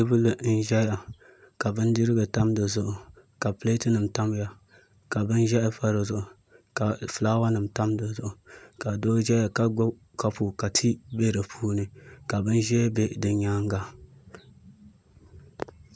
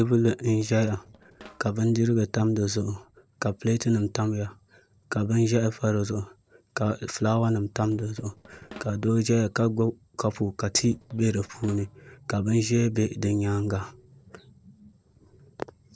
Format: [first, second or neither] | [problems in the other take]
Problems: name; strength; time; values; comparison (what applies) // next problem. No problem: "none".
first | noise reduction (neural separator model SepFormer DNS4)